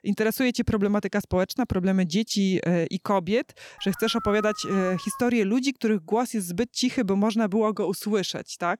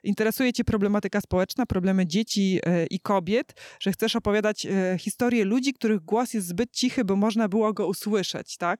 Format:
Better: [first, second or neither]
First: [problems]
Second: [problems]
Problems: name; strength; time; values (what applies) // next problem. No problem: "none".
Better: second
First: dog barking; noticeable; from 4 to 5 s; peak 9 dB below the speech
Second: none